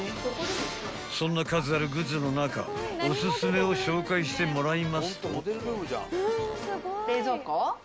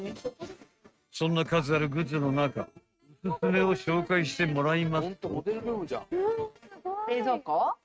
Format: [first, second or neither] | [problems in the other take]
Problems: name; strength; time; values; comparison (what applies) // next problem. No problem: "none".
first | noise reduction (neural mask model RNNoise)